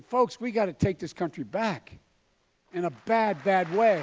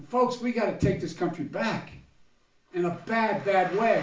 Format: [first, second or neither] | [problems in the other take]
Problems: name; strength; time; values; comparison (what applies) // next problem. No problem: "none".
first | room echo; dies away in 0.4 s